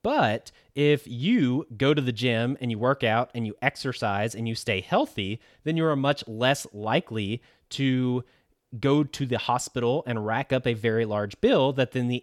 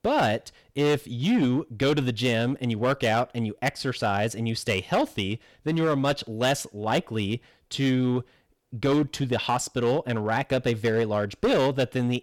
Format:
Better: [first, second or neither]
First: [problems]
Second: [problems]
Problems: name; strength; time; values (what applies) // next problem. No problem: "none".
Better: first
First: none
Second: distortion; slight; 9% of the sound clipped